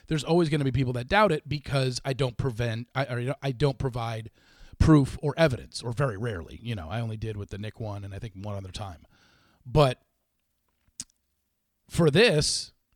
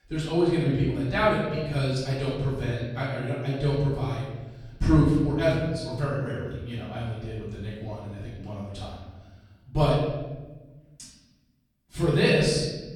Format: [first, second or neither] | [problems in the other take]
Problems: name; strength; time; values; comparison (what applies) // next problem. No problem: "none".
first | off-mic speech; far // room echo; noticeable; dies away in 1.2 s